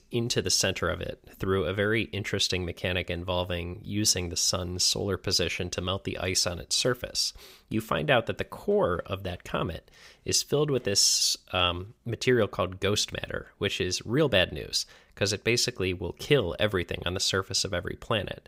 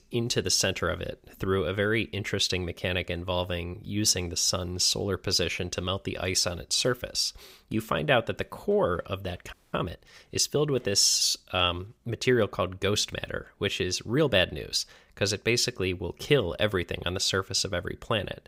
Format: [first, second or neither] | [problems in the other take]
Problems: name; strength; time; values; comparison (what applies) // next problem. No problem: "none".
first | audio freezing; at 9.5 s